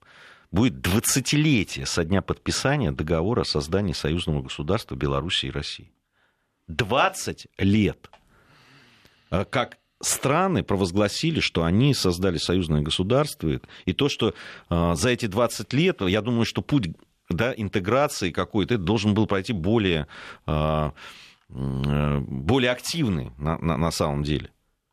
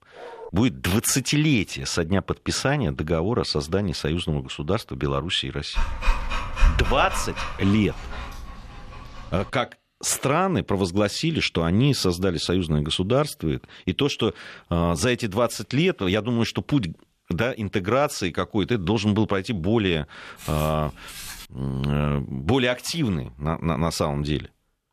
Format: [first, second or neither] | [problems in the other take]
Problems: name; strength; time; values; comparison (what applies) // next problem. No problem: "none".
first | dog barking; faint; at the start; peak 15 dB below the speech // dog barking; loud; from 6 to 8 s; peak level with the speech // footsteps; faint; from 20 to 21 s; peak 10 dB below the speech